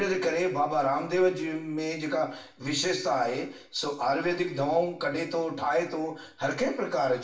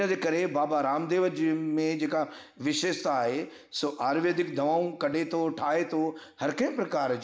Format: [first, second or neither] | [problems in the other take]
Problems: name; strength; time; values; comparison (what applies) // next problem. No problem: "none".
second | room echo; dies away in 0.3 s